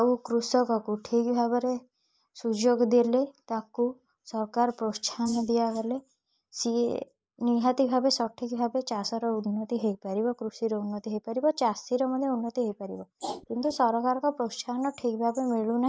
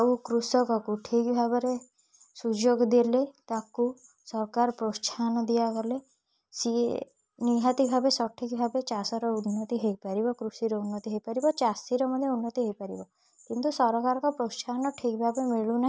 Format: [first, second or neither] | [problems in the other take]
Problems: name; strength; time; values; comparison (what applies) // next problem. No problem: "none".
second | noise reduction (neural mask model Resemble Enhance denoiser)